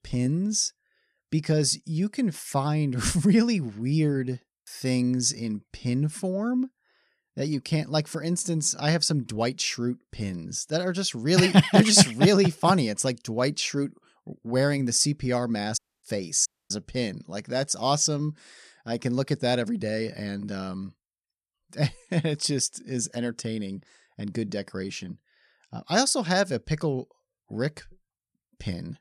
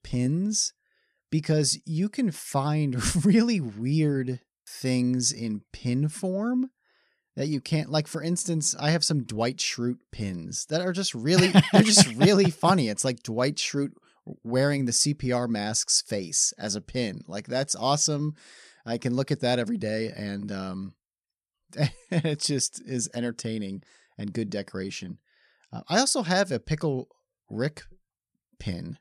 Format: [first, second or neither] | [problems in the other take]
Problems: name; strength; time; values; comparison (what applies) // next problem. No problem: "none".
second | audio cutting out; at 16 s